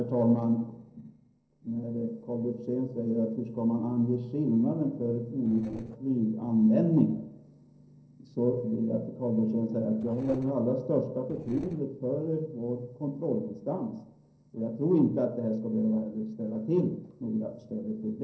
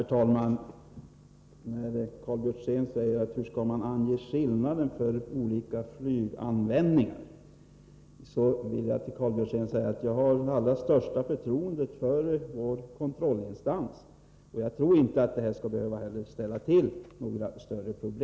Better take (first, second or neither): second